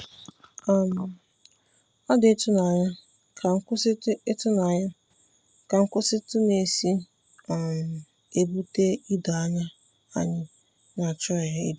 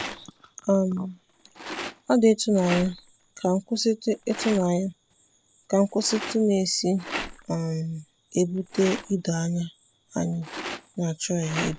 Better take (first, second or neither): first